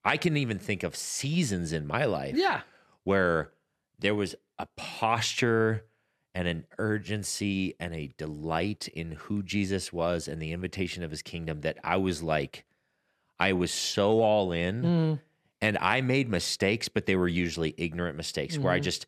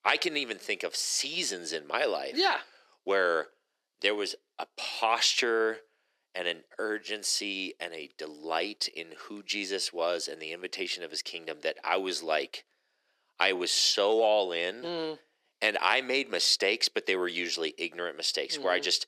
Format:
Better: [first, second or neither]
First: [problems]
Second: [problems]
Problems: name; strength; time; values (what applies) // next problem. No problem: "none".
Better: first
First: none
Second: thin; very; fading below 350 Hz